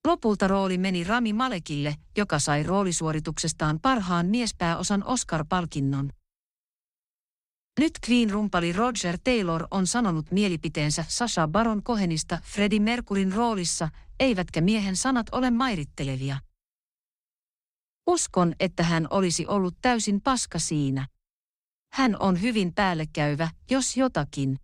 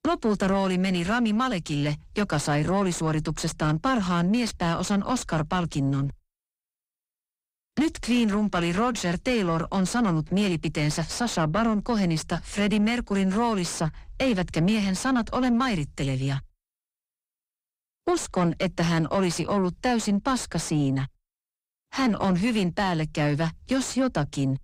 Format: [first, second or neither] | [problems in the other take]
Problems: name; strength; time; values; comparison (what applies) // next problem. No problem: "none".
first | distortion; slight; 9 dB below the speech